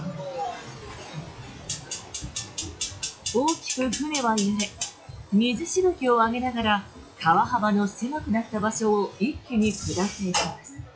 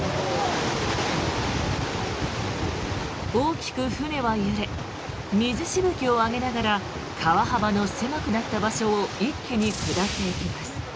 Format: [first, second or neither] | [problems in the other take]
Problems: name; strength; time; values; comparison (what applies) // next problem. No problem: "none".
second | noise reduction (classical method log-MMSE)